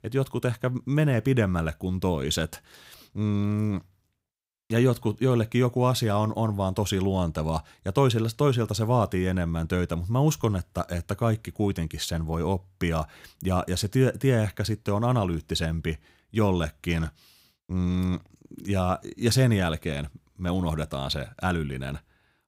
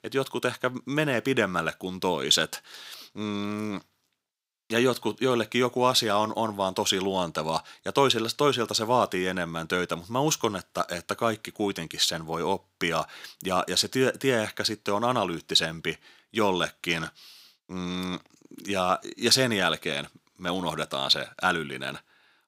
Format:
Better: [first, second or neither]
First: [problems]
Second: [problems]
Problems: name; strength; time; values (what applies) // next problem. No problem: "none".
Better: first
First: none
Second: thin; somewhat; fading below 250 Hz